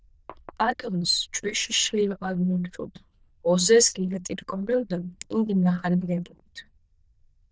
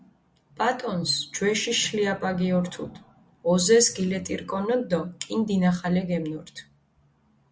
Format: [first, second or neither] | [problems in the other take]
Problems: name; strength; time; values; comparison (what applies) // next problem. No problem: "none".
second | noise reduction (neural diffusion model UNIVERSE++)